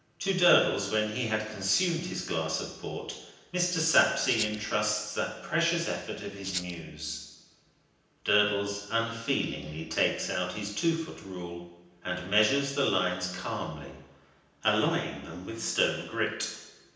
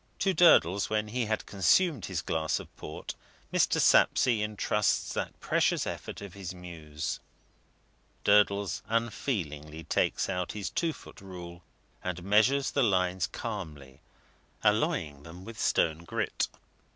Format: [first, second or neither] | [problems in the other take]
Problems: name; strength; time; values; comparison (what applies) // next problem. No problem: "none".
second | background sound (Rattle (instrument)); 7 dB below the speech // room echo; dies away in 0.9 s